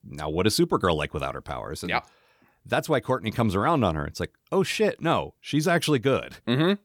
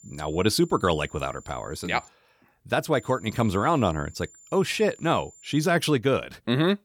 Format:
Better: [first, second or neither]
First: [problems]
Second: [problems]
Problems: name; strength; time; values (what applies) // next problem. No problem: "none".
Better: first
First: none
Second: high-pitched whine; faint; until 2 s and from 3 to 5.5 s; 7 kHz, 25 dB below the speech